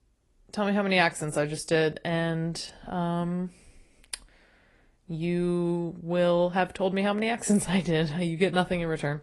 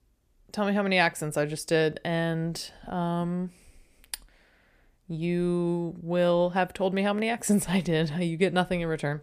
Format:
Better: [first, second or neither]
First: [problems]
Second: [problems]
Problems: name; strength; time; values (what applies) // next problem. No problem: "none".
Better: second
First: garbled, watery; slightly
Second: none